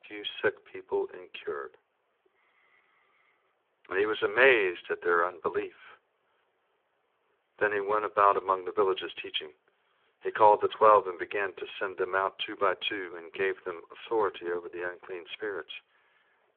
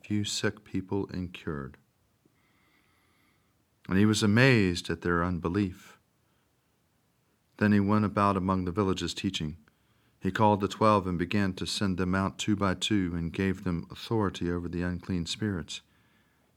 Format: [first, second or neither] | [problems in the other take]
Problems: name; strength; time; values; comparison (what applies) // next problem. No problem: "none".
second | phone-call audio; poor line; nothing above 3.5 kHz